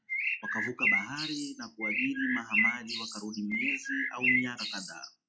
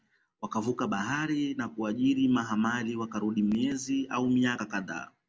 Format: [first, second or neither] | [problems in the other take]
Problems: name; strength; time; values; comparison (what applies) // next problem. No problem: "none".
second | noise reduction (classical method log-MMSE)